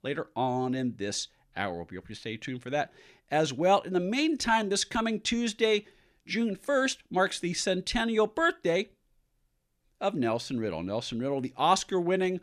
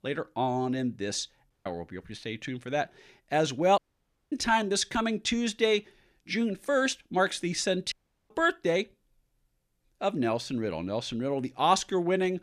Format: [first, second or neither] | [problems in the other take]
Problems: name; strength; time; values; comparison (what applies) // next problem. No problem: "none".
first | audio cutting out; at 1.5 s, at 4 s for 0.5 s and at 8 s